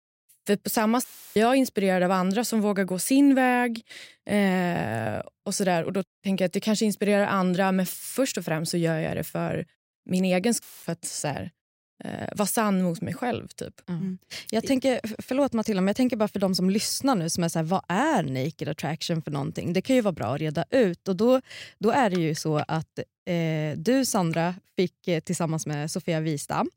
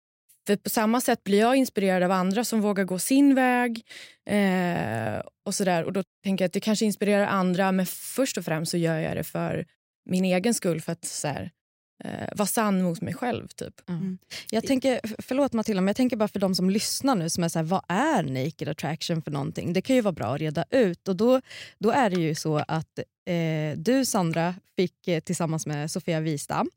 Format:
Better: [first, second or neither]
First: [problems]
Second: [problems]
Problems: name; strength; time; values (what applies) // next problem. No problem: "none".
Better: second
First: audio cutting out; filled with static; at 1 s and at 11 s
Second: none